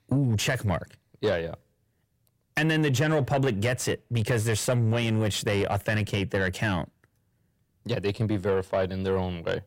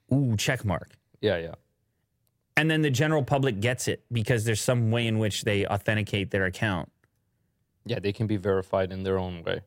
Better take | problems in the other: second | distortion; slight; 10 dB below the speech

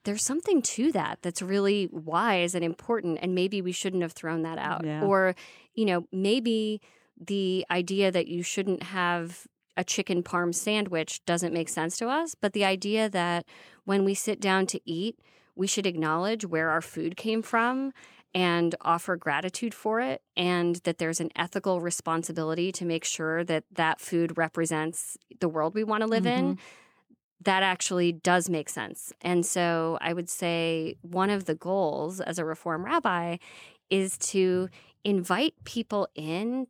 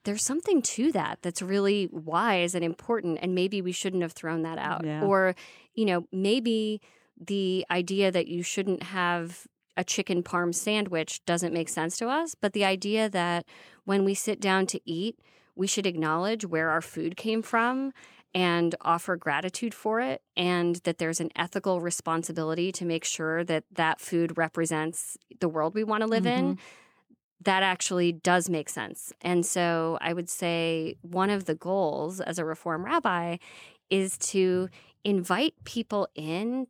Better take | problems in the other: neither | none

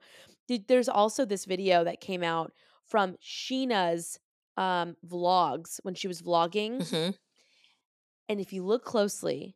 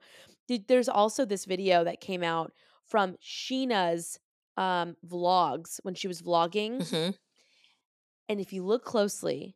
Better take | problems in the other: neither | none

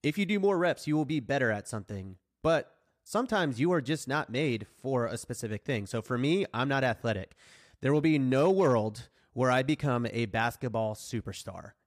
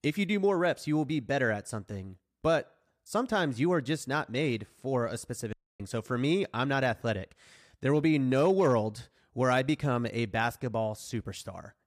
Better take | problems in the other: first | audio cutting out; at 5.5 s

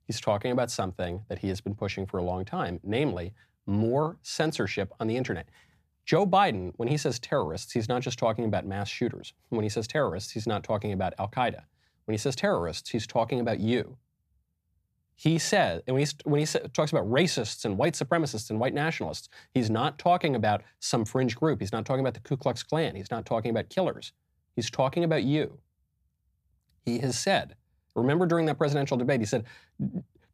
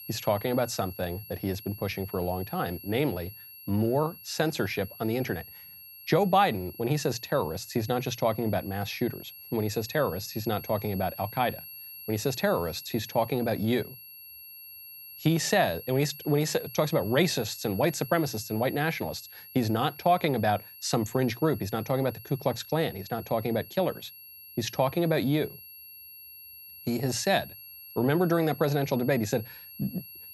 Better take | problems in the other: first | high-pitched whine; noticeable; throughout; 11.5 kHz, 15 dB below the speech

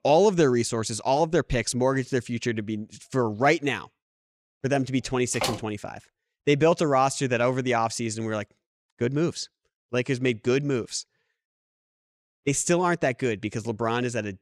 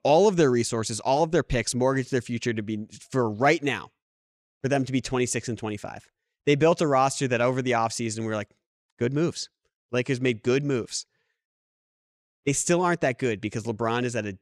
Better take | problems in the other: second | door banging; noticeable; at 5.5 s; peak 4 dB below the speech

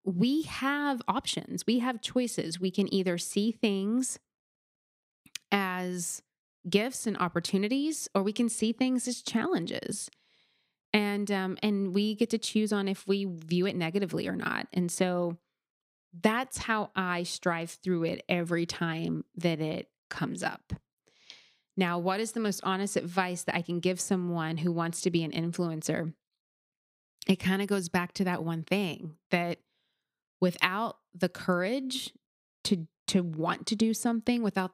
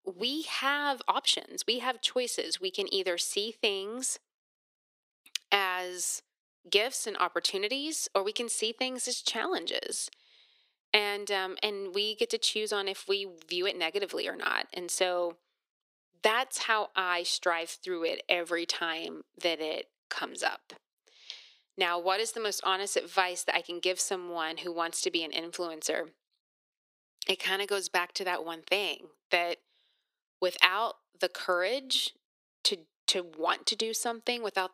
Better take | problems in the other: first | thin; very; fading below 400 Hz

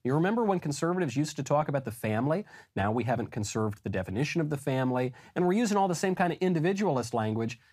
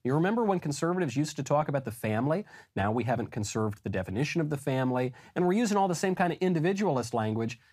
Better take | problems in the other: neither | none

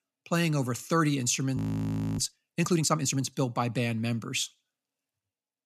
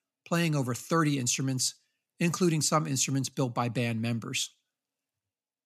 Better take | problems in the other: second | audio freezing; at 1.5 s for 0.5 s

